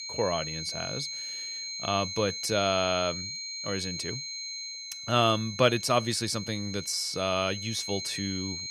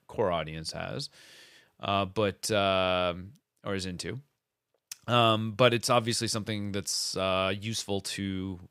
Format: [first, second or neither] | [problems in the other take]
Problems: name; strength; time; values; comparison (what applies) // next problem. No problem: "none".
second | high-pitched whine; loud; throughout; 4 kHz, 6 dB below the speech